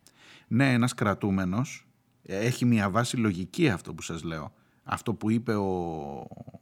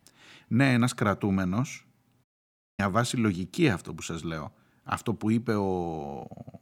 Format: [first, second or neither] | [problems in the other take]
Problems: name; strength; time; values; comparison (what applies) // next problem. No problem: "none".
first | audio cutting out; at 2 s for 0.5 s